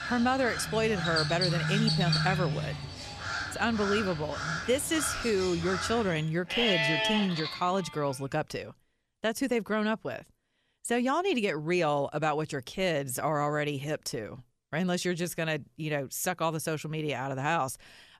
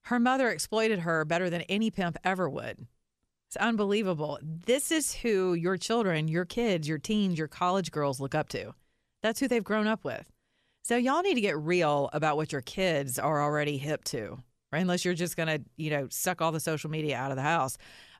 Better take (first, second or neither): second